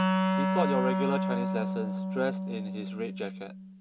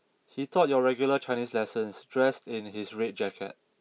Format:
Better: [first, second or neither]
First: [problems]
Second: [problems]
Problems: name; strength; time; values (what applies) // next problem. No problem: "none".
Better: second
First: background sound (Wind instrument, woodwind instrument); 4 dB above the speech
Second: none